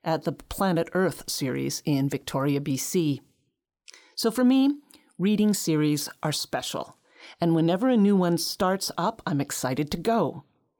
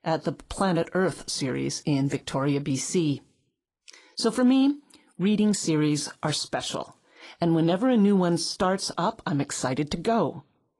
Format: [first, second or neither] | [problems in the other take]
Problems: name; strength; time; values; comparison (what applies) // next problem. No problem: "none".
first | garbled, watery; slightly; nothing above 10.5 kHz